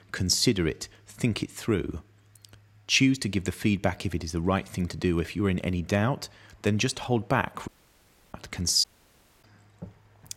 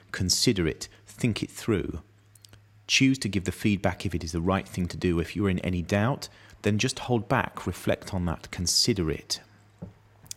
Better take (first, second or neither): second